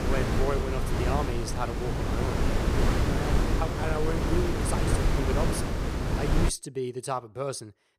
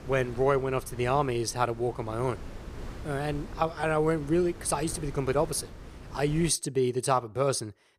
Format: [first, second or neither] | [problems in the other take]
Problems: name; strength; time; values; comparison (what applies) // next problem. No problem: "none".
second | wind noise on the microphone; heavy; until 6.5 s; 1 dB above the speech; occasional gusts in the second